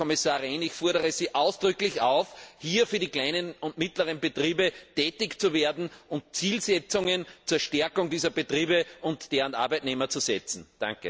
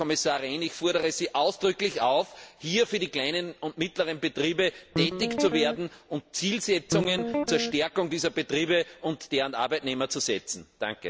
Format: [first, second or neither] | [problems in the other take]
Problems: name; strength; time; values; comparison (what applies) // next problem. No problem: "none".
first | background sound (Guitar); 2 dB below the speech